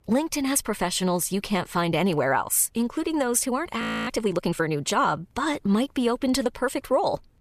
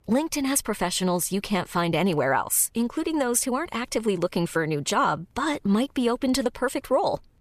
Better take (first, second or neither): second